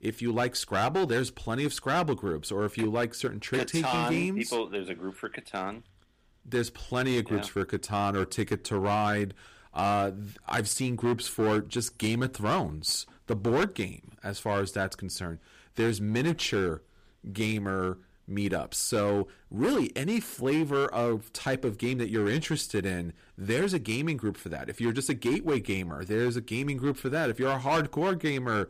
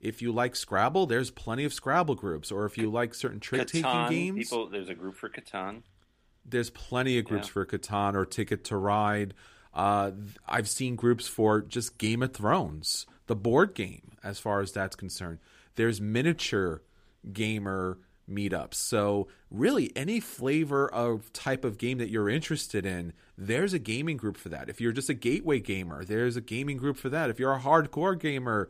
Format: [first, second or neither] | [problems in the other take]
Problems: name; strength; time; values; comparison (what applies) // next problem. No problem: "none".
second | distortion; slight; 7% of the sound clipped